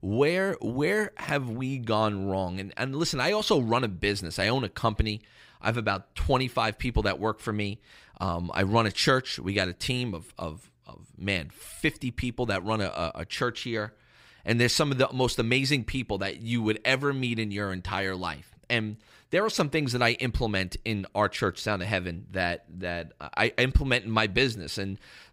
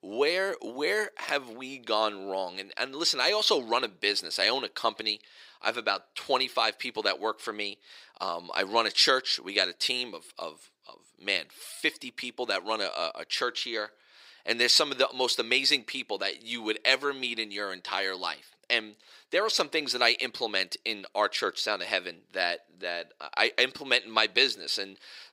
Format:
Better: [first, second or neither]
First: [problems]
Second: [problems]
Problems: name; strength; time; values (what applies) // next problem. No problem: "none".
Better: first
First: none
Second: thin; somewhat; fading below 350 Hz